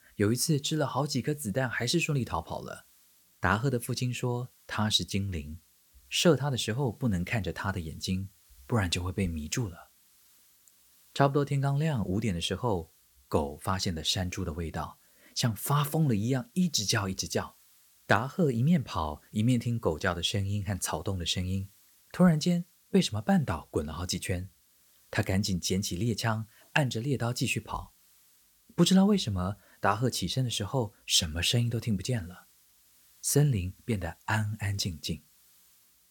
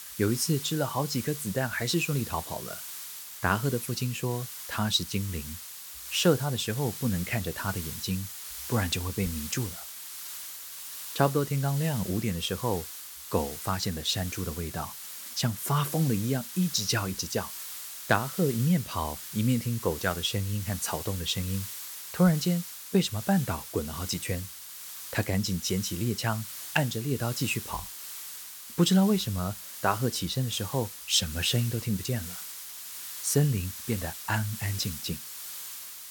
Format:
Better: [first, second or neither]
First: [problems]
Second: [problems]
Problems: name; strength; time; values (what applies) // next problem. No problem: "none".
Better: first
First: hiss; faint; throughout; 30 dB below the speech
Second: hiss; loud; throughout; 9 dB below the speech